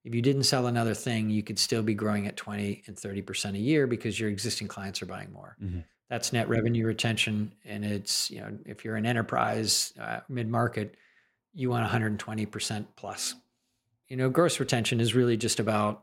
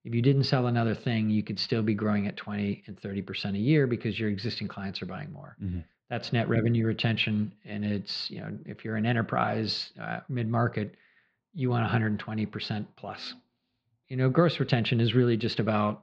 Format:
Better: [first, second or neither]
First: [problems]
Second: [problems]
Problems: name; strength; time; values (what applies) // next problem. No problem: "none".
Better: first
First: none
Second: muffled; very slightly; fading above 4.5 kHz